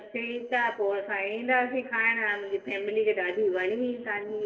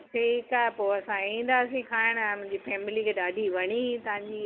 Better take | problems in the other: second | noise reduction (neural separator model SepFormer DNS4)

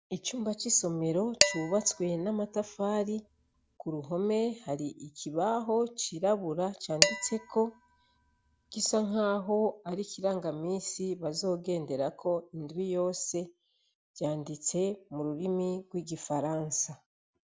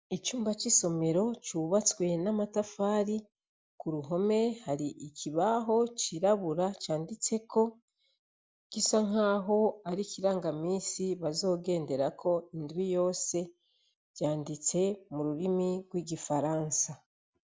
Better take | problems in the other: second | background sound (Dishes, pots, and pans); 2 dB below the speech

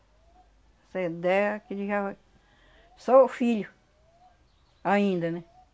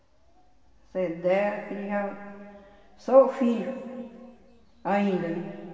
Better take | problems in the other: first | room echo; dies away in 2.1 s

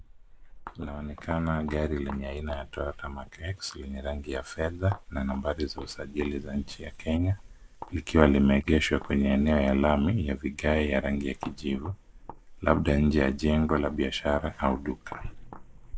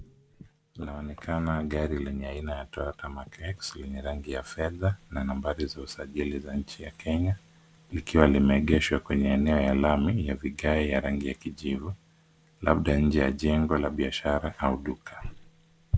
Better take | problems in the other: second | noise reduction (neural mask model Resemble Enhance denoiser)

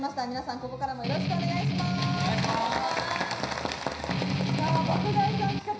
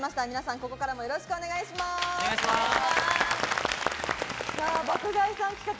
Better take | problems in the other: second | background sound (Strum); 3 dB above the speech // room echo; dies away in 0.5 s

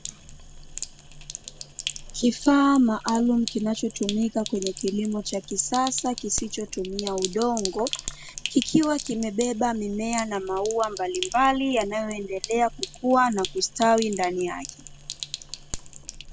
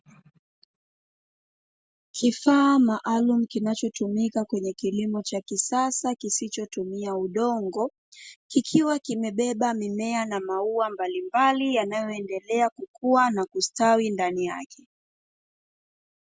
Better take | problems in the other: second | background sound (Sink (filling or washing)); 12 dB below the speech

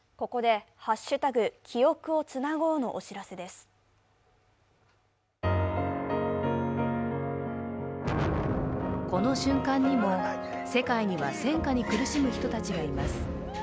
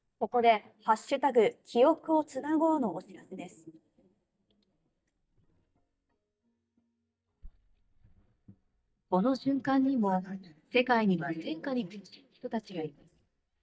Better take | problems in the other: first | noise reduction (neural mask model DeepFilterNet 3)

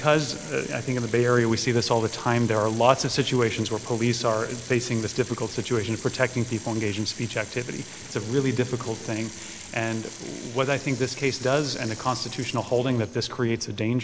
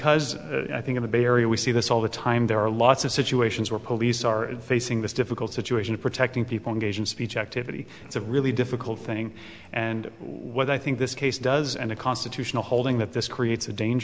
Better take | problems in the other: second | background sound (Sink (filling or washing) / Water tap, faucet); 16 dB below the speech

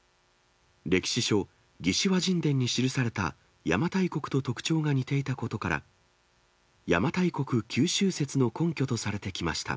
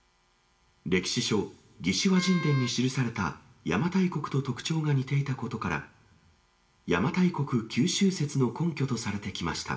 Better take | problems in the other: first | background sound (Wind instrument, woodwind instrument); 12 dB below the speech // room echo; dies away in 0.5 s

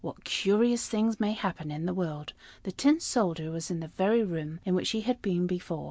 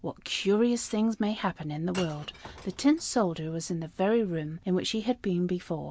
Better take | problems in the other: first | background sound (Shatter / Crushing); 20 dB below the speech

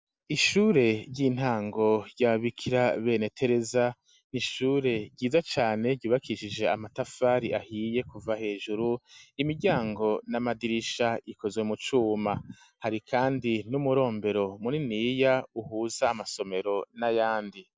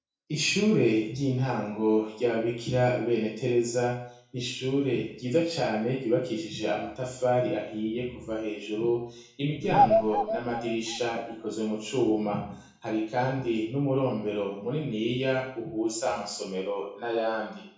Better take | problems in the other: first | background sound (Bird vocalization, bird call, bird song); as loud as the speech // room echo; dies away in 0.5 s

